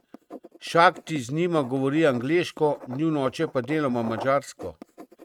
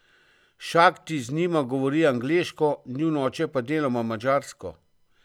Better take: second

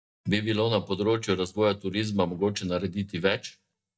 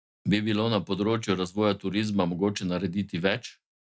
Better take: second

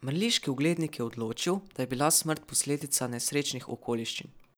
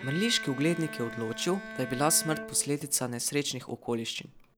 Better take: first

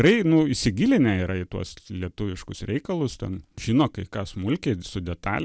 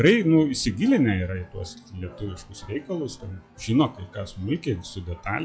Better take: first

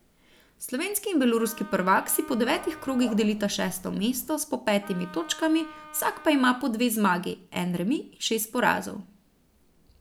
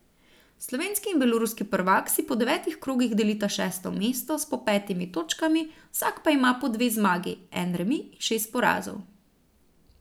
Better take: second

